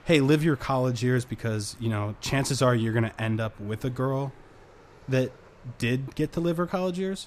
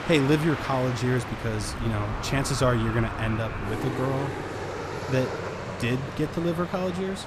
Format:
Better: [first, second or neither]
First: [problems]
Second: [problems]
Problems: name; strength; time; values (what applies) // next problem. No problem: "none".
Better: first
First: train or aircraft noise; faint; throughout; 25 dB below the speech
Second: train or aircraft noise; loud; throughout; 6 dB below the speech